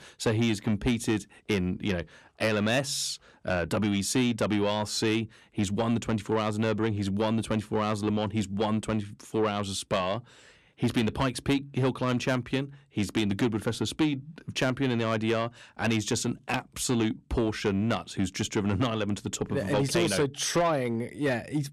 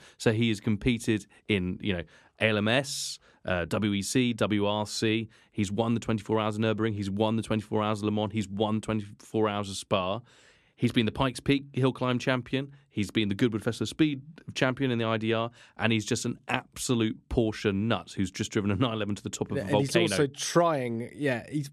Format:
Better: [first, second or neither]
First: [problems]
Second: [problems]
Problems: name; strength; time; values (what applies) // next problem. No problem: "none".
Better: second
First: distortion; slight; 10 dB below the speech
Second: none